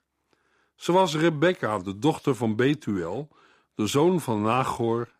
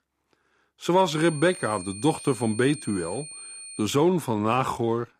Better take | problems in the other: first | high-pitched whine; noticeable; from 1 to 4 s; 9 kHz, 15 dB below the speech

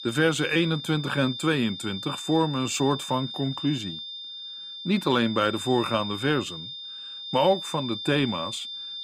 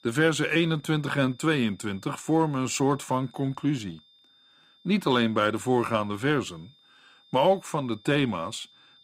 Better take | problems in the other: second | high-pitched whine; loud; throughout; 3.5 kHz, 8 dB below the speech; faint in the second

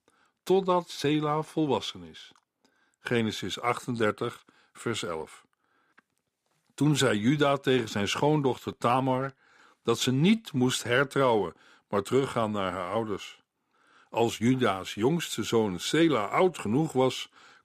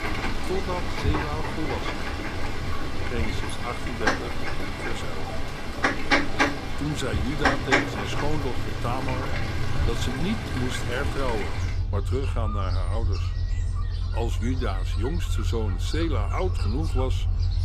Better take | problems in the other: first | animal sounds; very loud; throughout; 5 dB above the speech

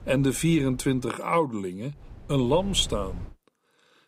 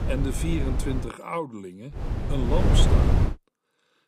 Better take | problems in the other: first | wind noise on the microphone; heavy; until 1 s and from 2 to 3.5 s; 1 dB below the speech; occasional gusts in the first

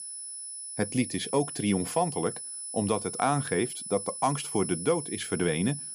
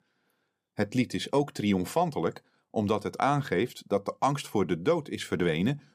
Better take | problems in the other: second | high-pitched whine; loud; throughout; 10 kHz, 6 dB below the speech

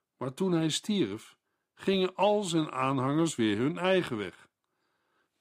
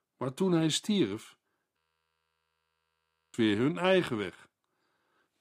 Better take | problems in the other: first | audio freezing; at 2 s for 1.5 s

